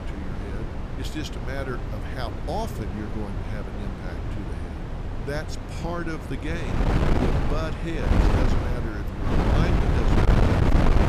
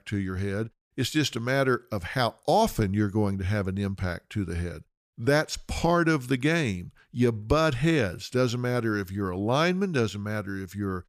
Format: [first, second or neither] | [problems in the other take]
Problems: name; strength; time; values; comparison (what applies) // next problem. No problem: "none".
second | wind noise on the microphone; heavy; 3 dB above the speech